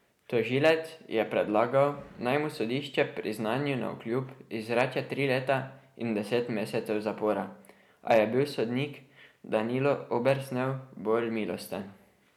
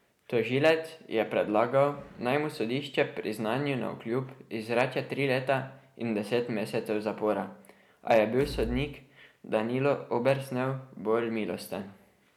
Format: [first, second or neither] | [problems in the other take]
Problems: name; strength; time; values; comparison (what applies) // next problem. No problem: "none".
first | background sound (Door / Wood); 13 dB below the speech